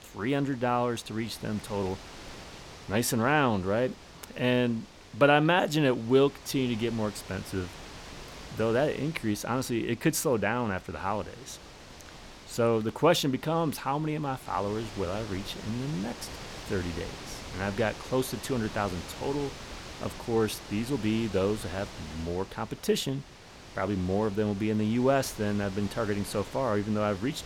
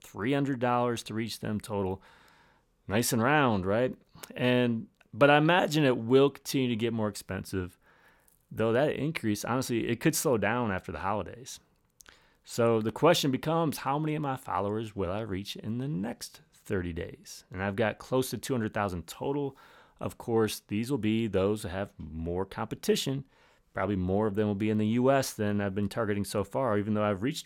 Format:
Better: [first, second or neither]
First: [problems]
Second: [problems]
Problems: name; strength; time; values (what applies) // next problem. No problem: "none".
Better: second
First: wind noise on the microphone; occasional gusts; 15 dB below the speech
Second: none